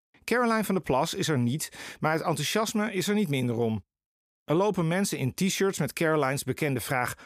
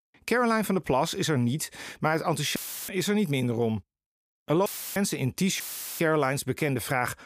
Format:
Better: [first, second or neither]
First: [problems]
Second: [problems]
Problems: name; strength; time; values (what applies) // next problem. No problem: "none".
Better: first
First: none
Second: audio cutting out; filled with static; at 2.5 s, at 4.5 s and at 5.5 s